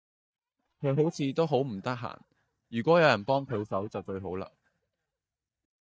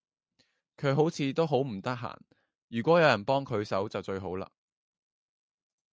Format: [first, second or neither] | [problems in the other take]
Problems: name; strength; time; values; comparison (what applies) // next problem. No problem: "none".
second | noise reduction (neural mask model DeepFilterNet 3)